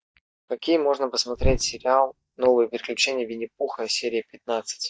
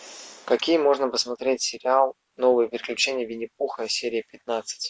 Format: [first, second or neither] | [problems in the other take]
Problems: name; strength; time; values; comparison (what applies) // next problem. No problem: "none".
second | noise reduction (neural mask model DeepFilterNet 3)